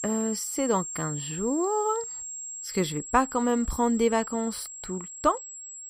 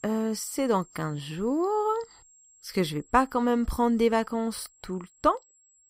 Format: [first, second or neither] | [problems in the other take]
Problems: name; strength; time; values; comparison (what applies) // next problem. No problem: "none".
second | high-pitched whine; loud; throughout; 7.5 kHz, 8 dB below the speech; faint in the second